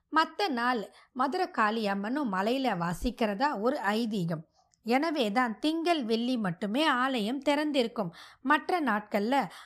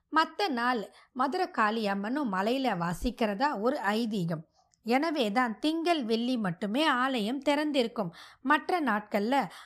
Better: neither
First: none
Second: none

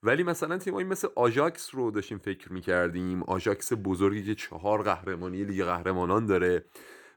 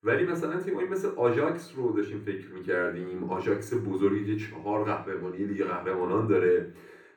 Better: first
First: none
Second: room echo; slight; dies away in 0.5 s // off-mic speech; far

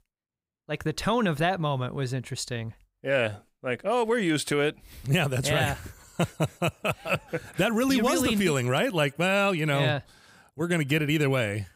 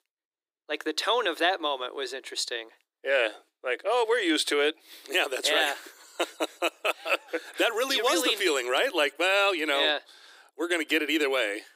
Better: first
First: none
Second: thin; very; fading below 300 Hz

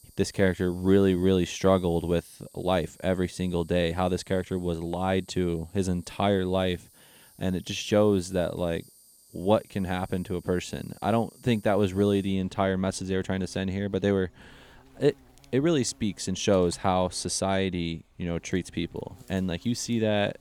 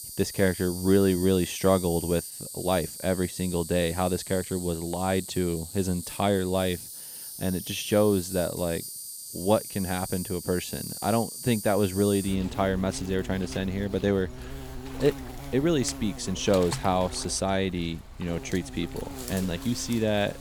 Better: first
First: animal sounds; faint; throughout; 25 dB below the speech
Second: animal sounds; loud; throughout; 10 dB below the speech

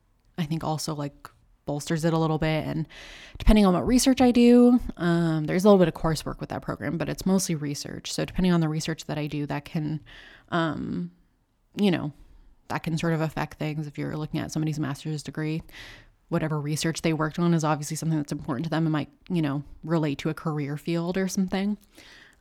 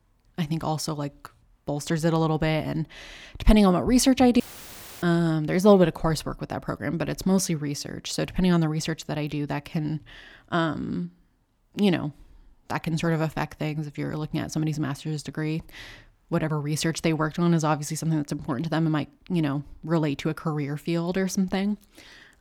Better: first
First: none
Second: audio cutting out; filled with static; at 4.5 s for 0.5 s

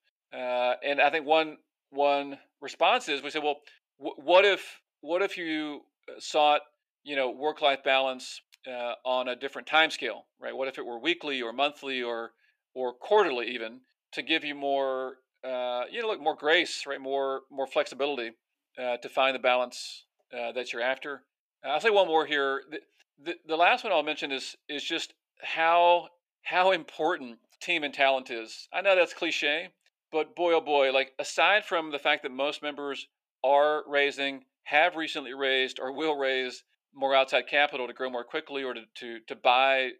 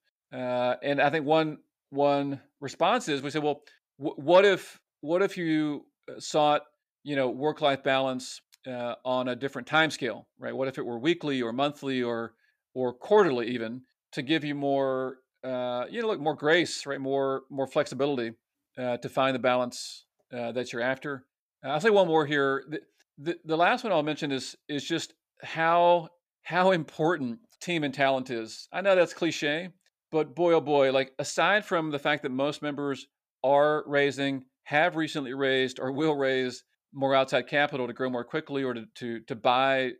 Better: second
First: thin; somewhat; fading below 400 Hz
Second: none

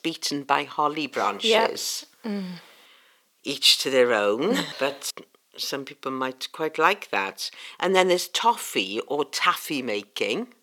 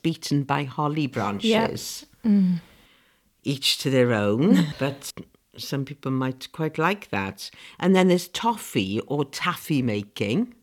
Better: second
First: thin; somewhat; fading below 500 Hz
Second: none

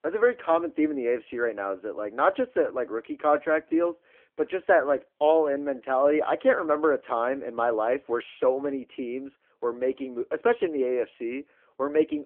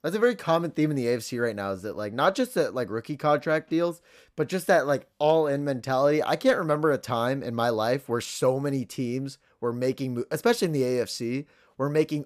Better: second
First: phone-call audio; nothing above 3.5 kHz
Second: none

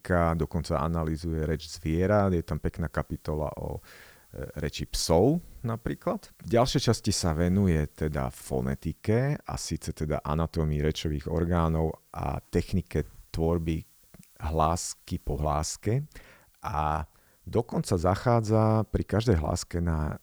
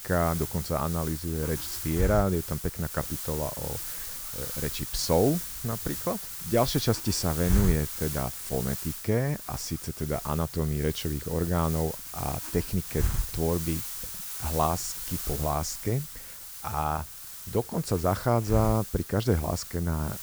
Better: first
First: hiss; faint; throughout; 30 dB below the speech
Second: hiss; loud; throughout; 5 dB below the speech

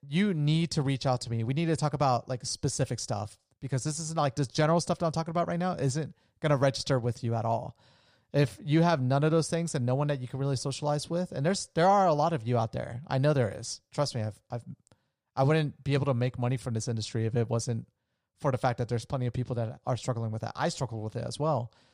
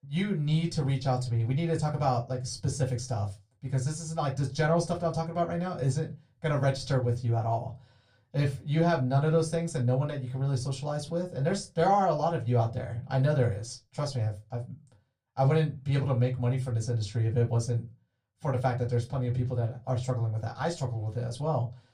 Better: first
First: none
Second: off-mic speech; far // room echo; very slight; dies away in 0.2 s

